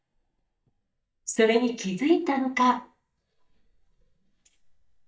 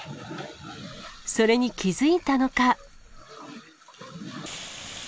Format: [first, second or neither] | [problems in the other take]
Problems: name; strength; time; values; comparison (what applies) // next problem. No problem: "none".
second | noise reduction (neural mask model DeepFilterNet 3)